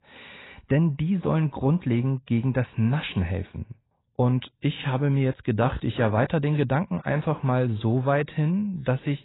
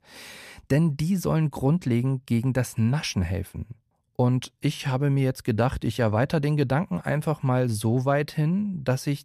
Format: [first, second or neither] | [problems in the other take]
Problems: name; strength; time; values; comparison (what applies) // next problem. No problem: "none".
second | garbled, watery; badly; nothing above 4 kHz